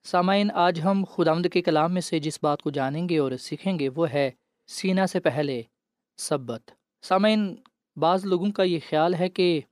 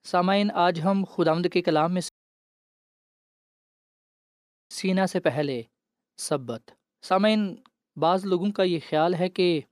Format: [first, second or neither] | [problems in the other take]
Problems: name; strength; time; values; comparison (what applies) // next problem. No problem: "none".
first | audio cutting out; at 2 s for 2.5 s